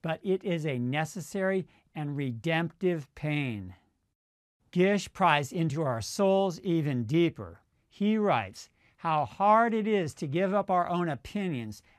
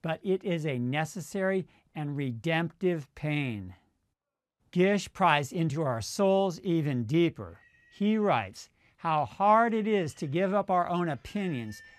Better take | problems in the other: first | animal sounds; faint; throughout; 30 dB below the speech

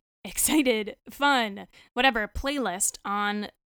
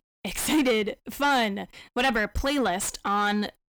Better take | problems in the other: first | distortion; heavy; 6 dB below the speech

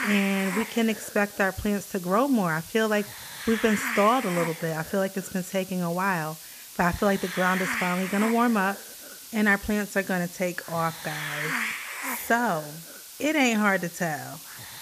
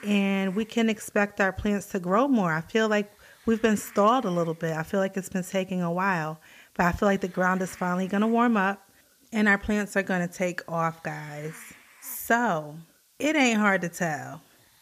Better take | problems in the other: second | hiss; loud; throughout; 8 dB below the speech; faint in the second

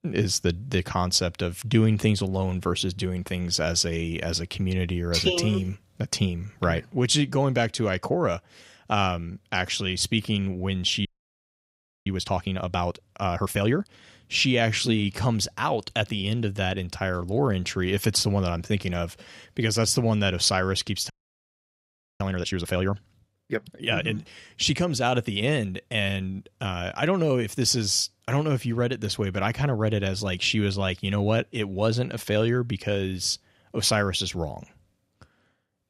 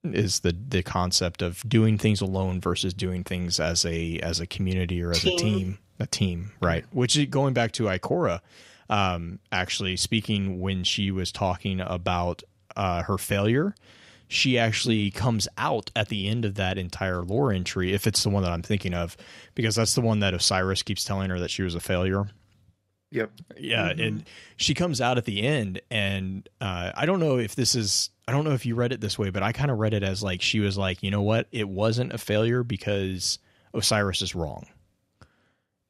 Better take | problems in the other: second | audio freezing; at 11 s for 1 s and at 21 s for 1 s

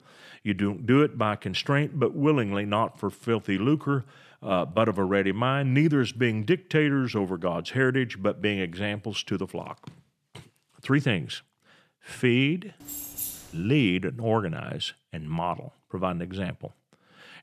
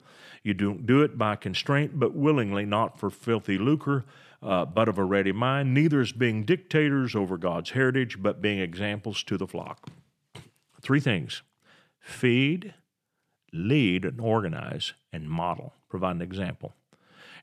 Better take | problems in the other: second | jangling keys; noticeable; at 13 s; peak 6 dB below the speech

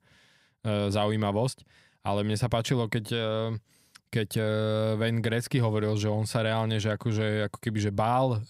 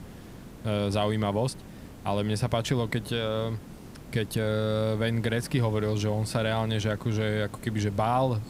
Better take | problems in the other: first | hiss; noticeable; throughout; 15 dB below the speech

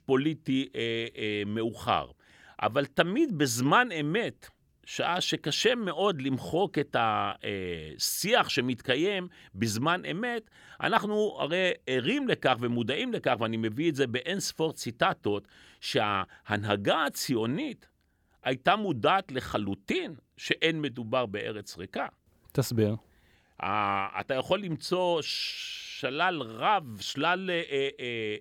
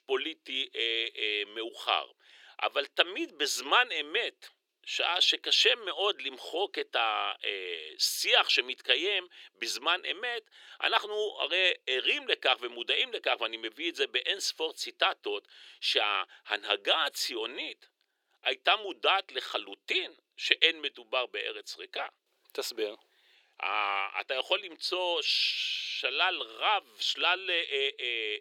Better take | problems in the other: first | thin; very; fading below 350 Hz

